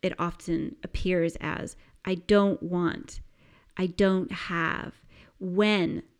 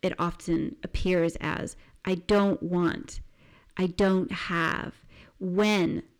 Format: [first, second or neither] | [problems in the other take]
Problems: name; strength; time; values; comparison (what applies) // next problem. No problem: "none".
first | distortion; slight; 3% of the sound clipped